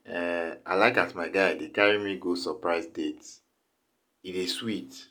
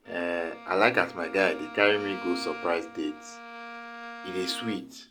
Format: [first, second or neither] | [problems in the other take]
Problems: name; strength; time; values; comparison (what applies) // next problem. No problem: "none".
first | background sound (Bowed string instrument); 13 dB below the speech